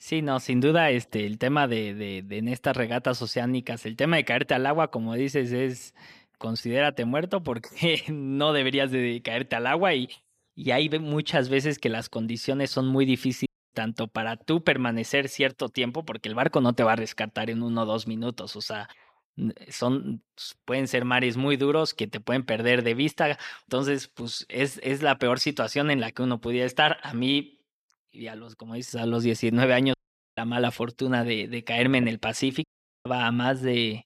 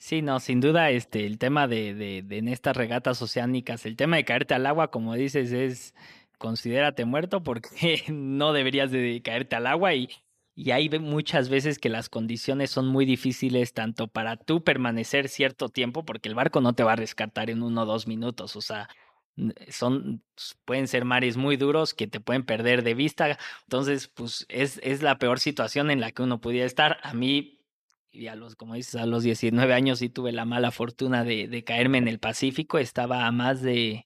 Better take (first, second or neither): second